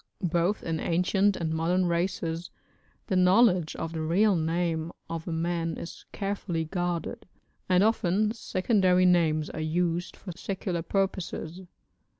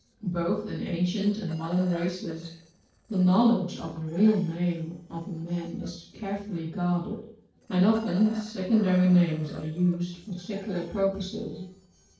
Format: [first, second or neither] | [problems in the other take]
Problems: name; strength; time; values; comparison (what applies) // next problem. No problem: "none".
first | noise reduction (neural separator model SepFormer DNS4)